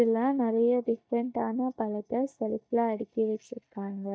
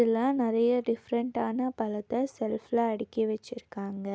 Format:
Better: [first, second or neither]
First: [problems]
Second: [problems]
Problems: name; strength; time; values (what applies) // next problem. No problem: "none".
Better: second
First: noise reduction (neural mask model DeepFilterNet 3)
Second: none